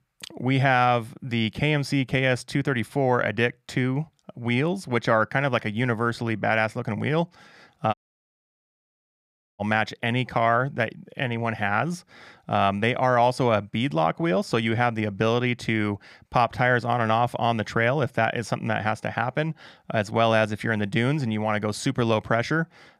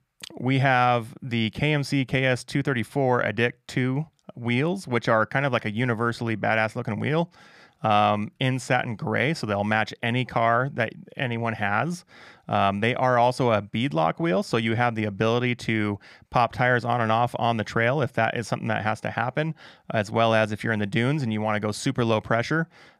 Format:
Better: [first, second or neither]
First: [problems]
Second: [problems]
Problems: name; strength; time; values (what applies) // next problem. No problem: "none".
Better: second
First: audio cutting out; at 8 s for 1.5 s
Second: none